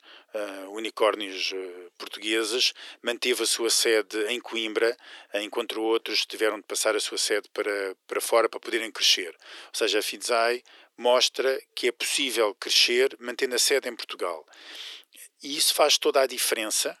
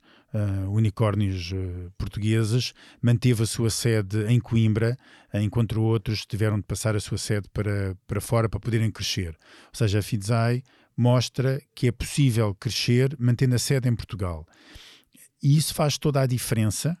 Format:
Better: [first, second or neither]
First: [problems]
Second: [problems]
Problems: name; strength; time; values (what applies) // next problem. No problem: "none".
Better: second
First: thin; very; fading below 350 Hz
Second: none